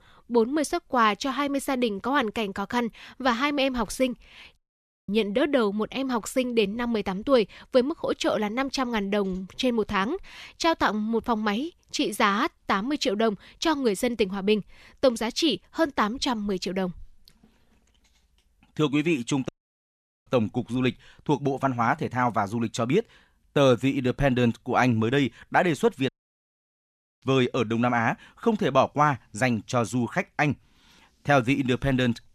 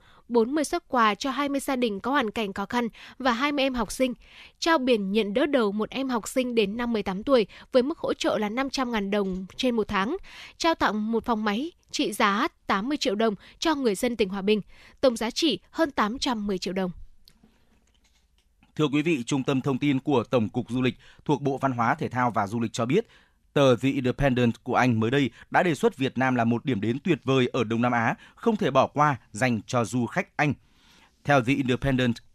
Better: second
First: audio cutting out; at 4.5 s for 0.5 s, at 19 s for 1 s and at 26 s for 1 s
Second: none

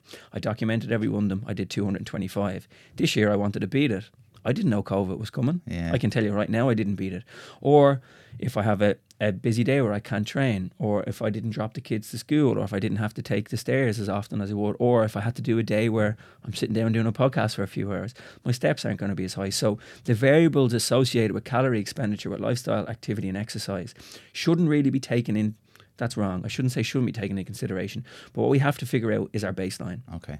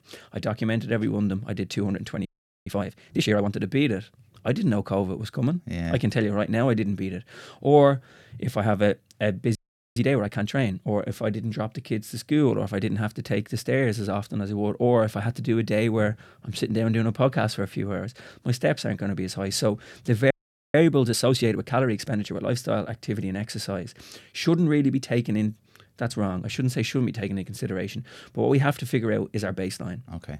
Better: first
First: none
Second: audio freezing; at 2.5 s, at 9.5 s and at 20 s

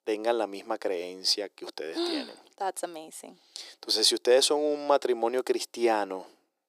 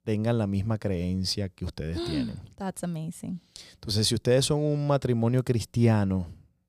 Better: second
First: thin; very; fading below 350 Hz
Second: none

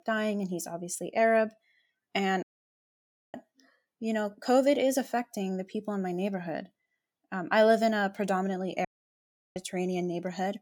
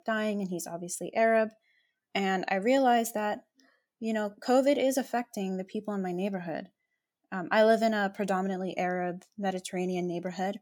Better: second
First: audio cutting out; at 2.5 s for 1 s and at 9 s for 0.5 s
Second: none

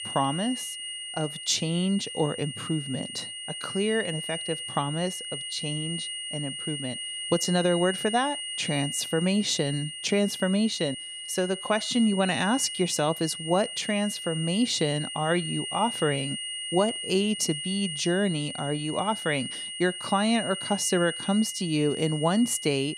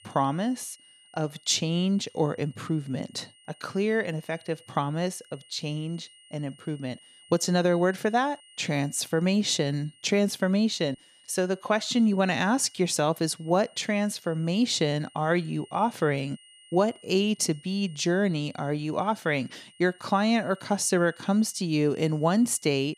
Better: second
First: high-pitched whine; loud; throughout; 3 kHz, 6 dB below the speech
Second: high-pitched whine; faint; throughout; 3 kHz, 25 dB below the speech

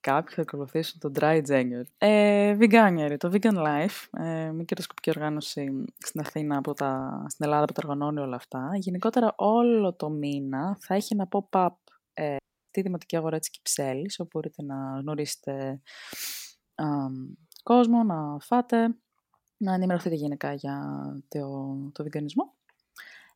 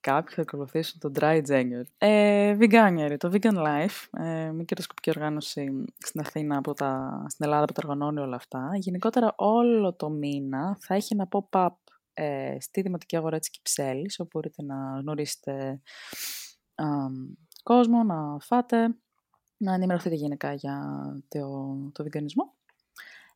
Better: second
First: audio cutting out; at 12 s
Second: none

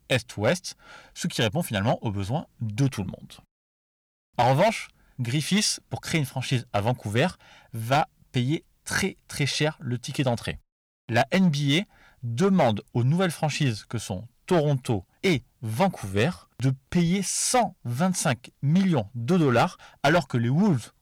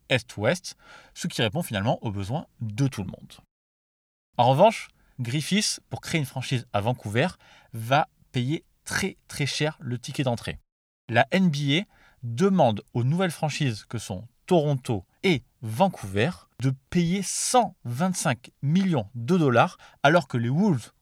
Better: second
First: distortion; slight; 4% of the sound clipped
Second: none

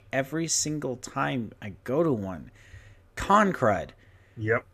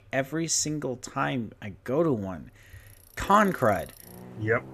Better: first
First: none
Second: traffic noise; faint; from 3 s on; 20 dB below the speech

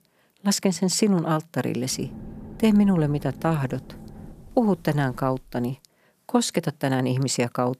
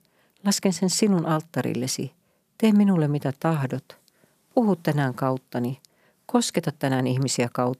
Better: second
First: low rumble; faint; from 2 to 5.5 s; 20 dB below the speech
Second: none

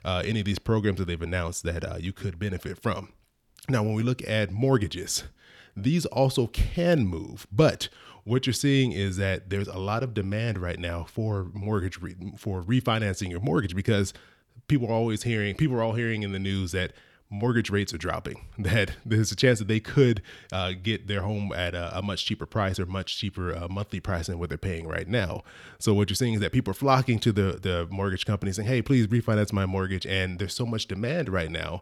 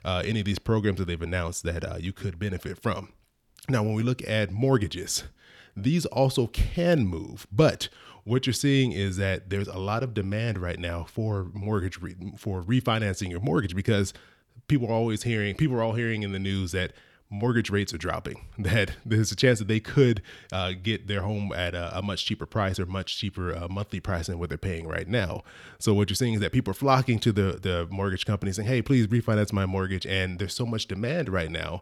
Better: neither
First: none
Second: none

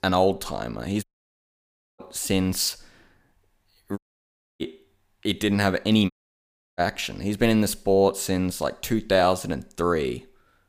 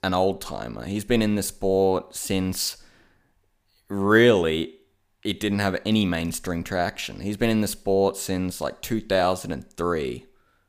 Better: second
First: audio cutting out; at 1 s for 1 s, at 4 s for 0.5 s and at 6 s for 0.5 s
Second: none

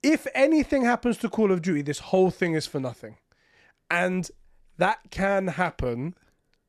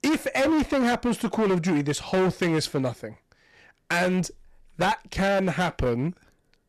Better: first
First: none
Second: distortion; heavy; 16% of the sound clipped

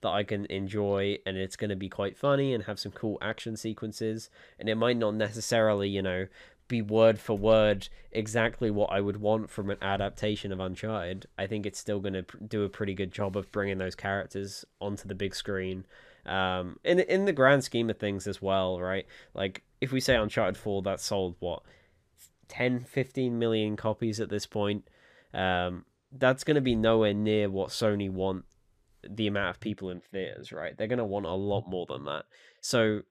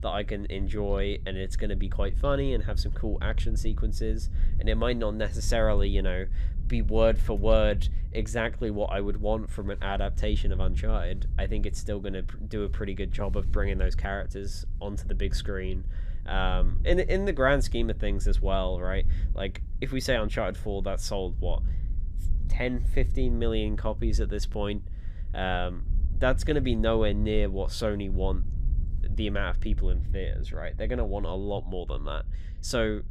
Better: first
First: none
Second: wind noise on the microphone; occasional gusts; 20 dB below the speech

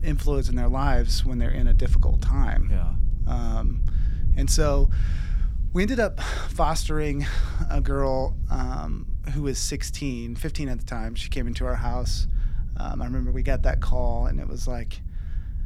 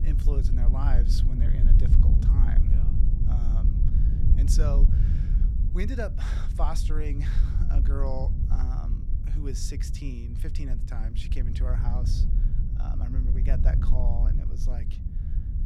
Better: first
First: wind noise on the microphone; occasional gusts; 15 dB below the speech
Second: wind noise on the microphone; heavy; 3 dB below the speech

